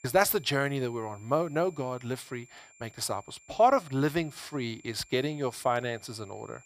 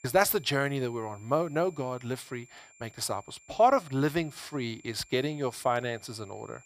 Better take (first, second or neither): neither